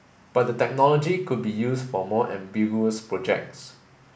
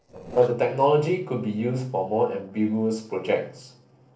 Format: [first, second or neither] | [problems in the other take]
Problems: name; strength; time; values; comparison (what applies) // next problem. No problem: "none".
first | noise reduction (neural separator model SepFormer DNS4)